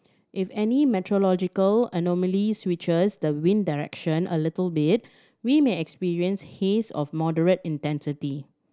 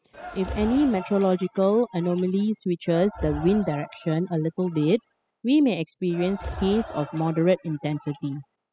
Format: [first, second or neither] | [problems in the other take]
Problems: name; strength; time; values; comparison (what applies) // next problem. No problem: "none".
first | noise reduction (classical method spectral subtraction)